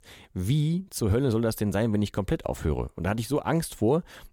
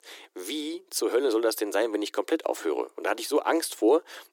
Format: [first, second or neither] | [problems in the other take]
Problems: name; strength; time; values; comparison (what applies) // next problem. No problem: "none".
first | thin; very; fading below 300 Hz